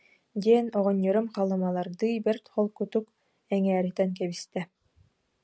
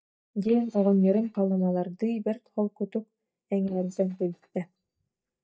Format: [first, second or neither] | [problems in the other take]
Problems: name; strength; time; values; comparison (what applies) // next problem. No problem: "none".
first | noise reduction (neural mask model DeepFilterNet 3)